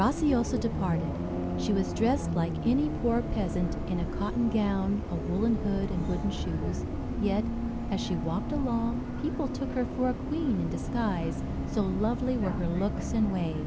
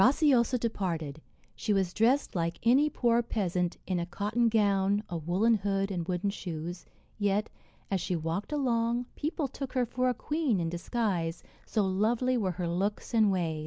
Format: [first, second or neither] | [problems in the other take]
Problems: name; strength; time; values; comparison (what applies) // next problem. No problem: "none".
second | background sound (Bus); 2 dB below the speech